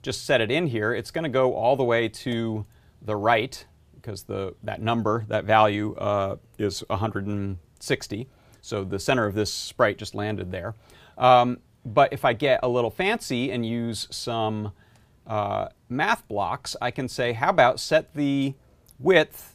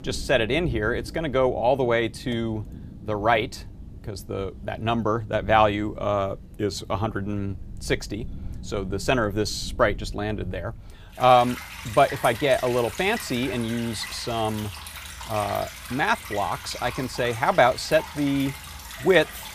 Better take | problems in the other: first | rain or running water; noticeable; throughout; 15 dB below the speech

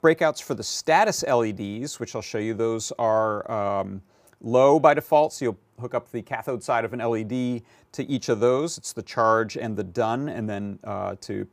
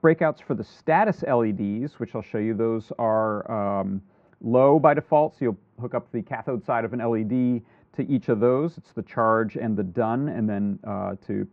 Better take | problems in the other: first | muffled; very; fading above 2 kHz

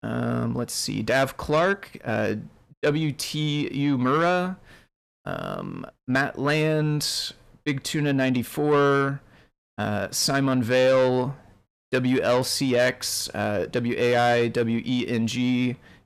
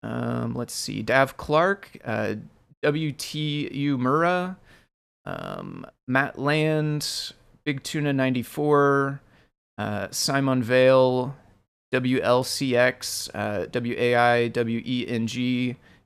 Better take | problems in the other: second | distortion; slight; 10 dB below the speech

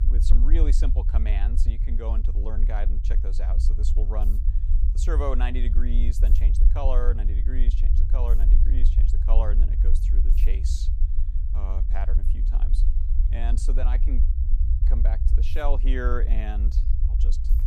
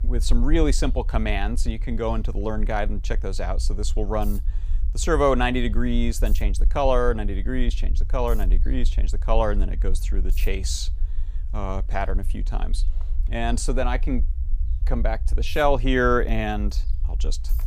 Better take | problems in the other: second | low rumble; loud; throughout; 9 dB below the speech; faint in the second

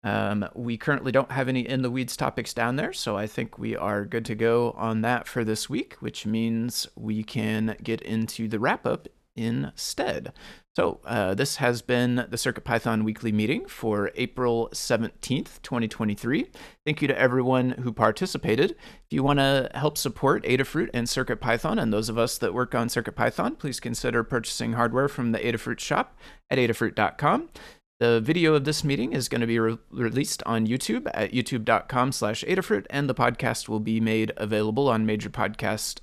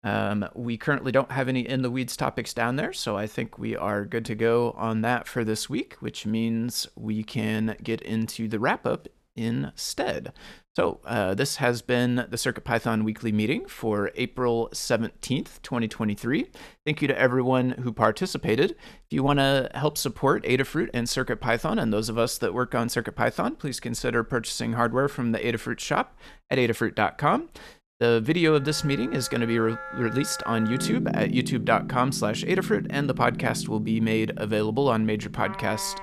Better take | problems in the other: first | background music; loud; from 29 s on; 8 dB below the speech

